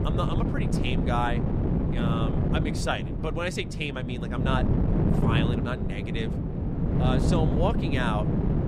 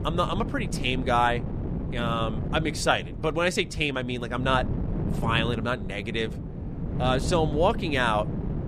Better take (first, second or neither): second